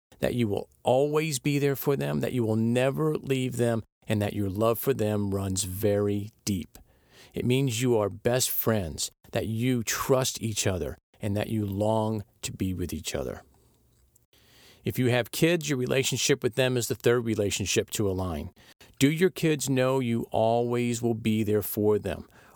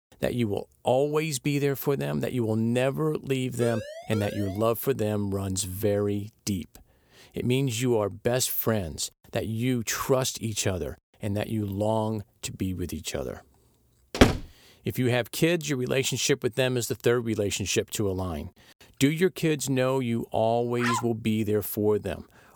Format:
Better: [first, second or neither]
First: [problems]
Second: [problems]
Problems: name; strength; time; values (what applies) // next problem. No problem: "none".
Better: first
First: none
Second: siren; noticeable; from 3.5 to 4.5 s; peak 10 dB below the speech // door banging; loud; at 14 s; peak 5 dB above the speech // dog barking; noticeable; at 21 s; peak 2 dB below the speech